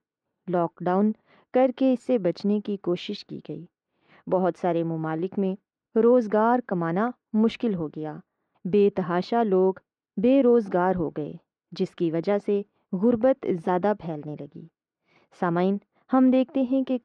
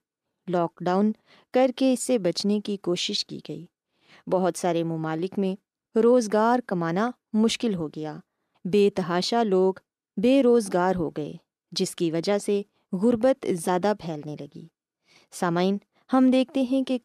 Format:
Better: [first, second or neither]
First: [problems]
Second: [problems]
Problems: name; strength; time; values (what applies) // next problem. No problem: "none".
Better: second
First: muffled; very; fading above 2 kHz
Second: none